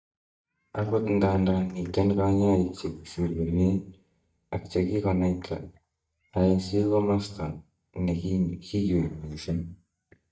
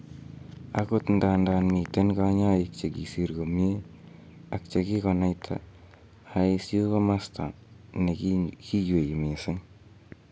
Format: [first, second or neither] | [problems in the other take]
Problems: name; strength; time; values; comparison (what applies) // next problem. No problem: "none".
second | noise reduction (neural mask model DeepFilterNet 3)